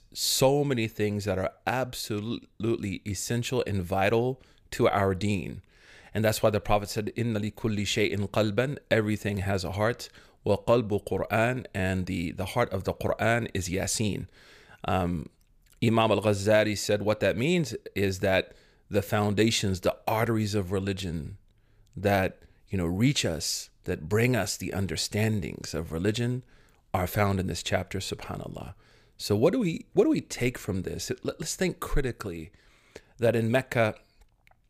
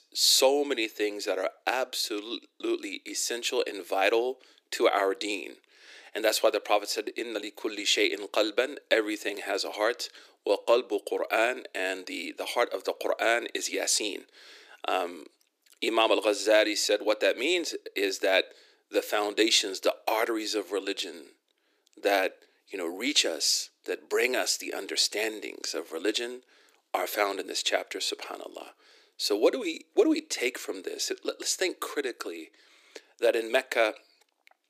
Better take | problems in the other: first | thin; very; fading below 300 Hz

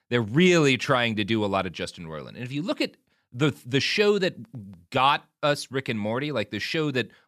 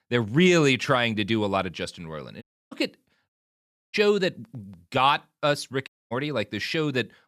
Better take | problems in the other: first | audio cutting out; at 2.5 s, at 3.5 s for 0.5 s and at 6 s

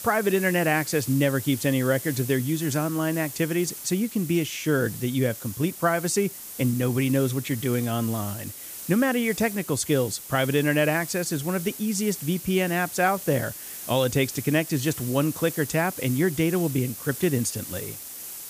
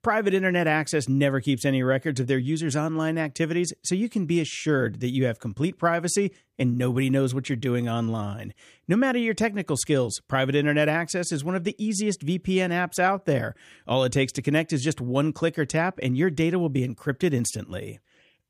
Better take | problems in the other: second | hiss; noticeable; throughout; 10 dB below the speech

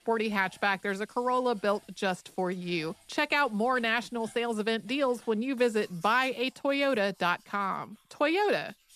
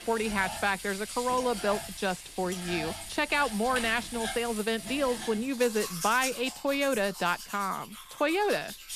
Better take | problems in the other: first | household noises; loud; throughout; 8 dB below the speech; faint in the first

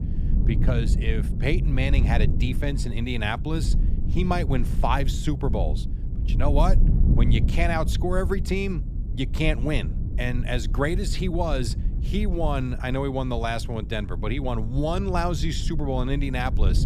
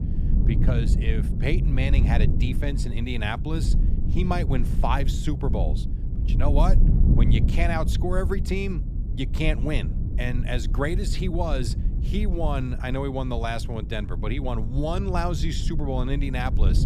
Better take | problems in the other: first | wind noise on the microphone; heavy; 9 dB below the speech; occasional gusts in the first

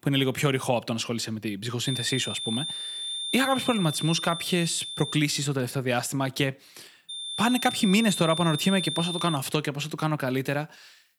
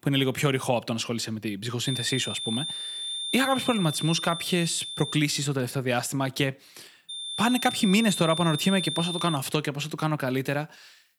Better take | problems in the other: neither | high-pitched whine; loud; from 2 to 5 s and from 7 to 9.5 s; 3.5 kHz, 5 dB below the speech; the same in both

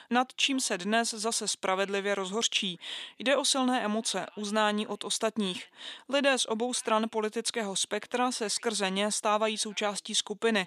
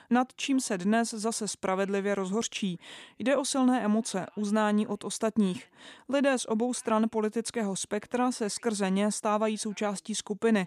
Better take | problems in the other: second | thin; very slightly; fading below 1 kHz

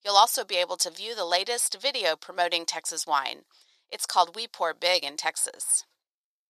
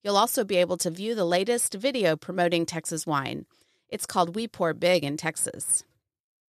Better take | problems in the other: second | thin; very; fading below 750 Hz

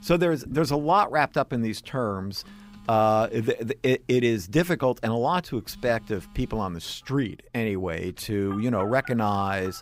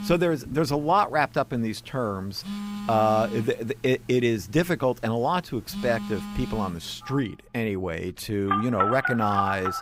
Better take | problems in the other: first | alarms or sirens; loud; throughout; 5 dB below the speech; faint in the first

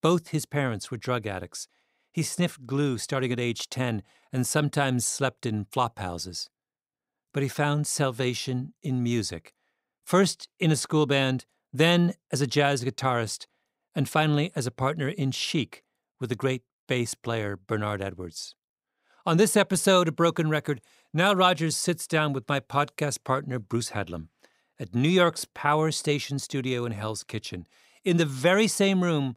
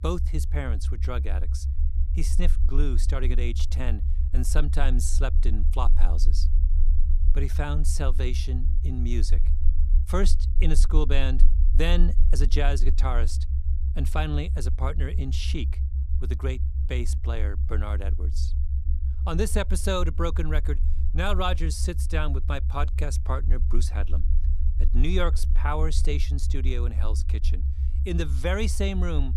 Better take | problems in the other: first | low rumble; noticeable; throughout; 15 dB below the speech

